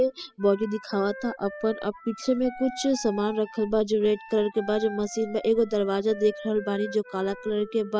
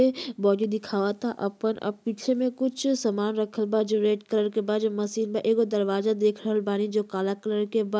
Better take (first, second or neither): second